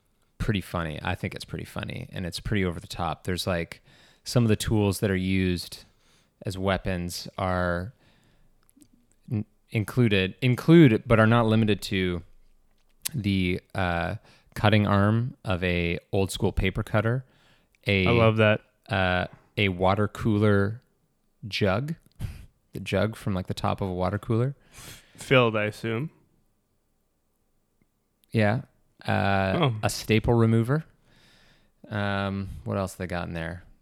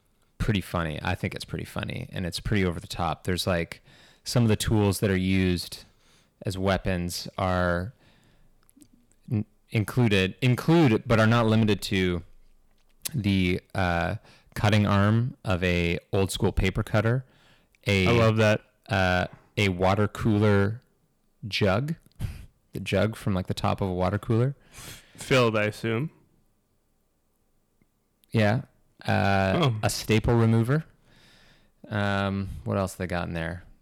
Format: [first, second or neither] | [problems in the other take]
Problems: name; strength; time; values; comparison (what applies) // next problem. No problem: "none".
first | distortion; slight; 3% of the sound clipped